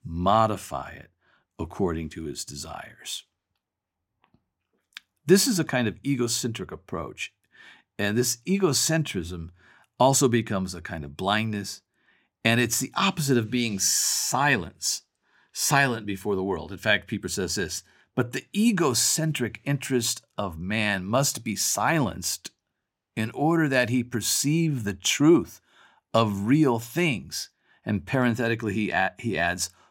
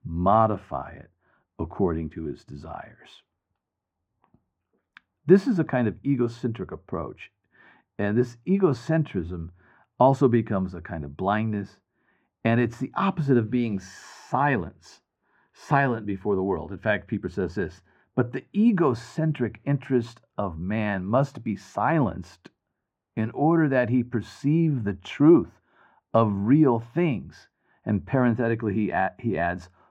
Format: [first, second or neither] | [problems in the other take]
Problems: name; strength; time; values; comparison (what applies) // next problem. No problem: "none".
first | muffled; very; fading above 3.5 kHz